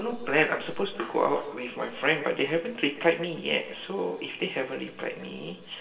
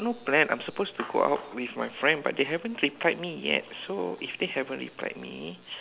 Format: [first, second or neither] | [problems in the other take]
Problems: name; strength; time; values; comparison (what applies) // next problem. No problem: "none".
second | room echo; dies away in 0.7 s